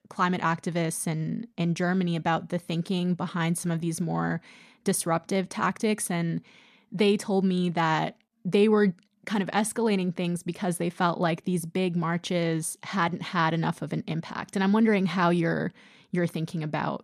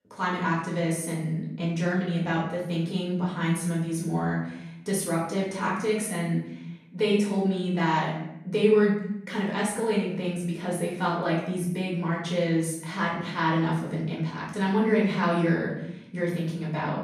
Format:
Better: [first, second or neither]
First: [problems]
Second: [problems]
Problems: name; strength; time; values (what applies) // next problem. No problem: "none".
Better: first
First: none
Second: off-mic speech; far // room echo; noticeable; dies away in 0.7 s